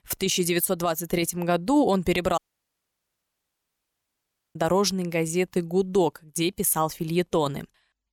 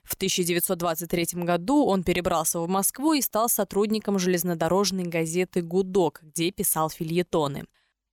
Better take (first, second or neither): second